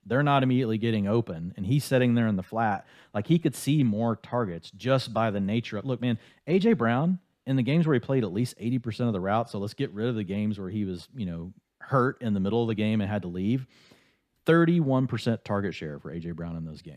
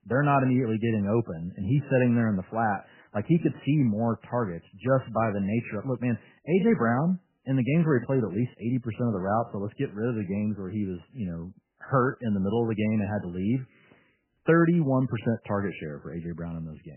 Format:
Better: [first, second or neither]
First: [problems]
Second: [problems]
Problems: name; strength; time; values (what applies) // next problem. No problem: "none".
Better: first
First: none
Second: garbled, watery; badly; nothing above 3 kHz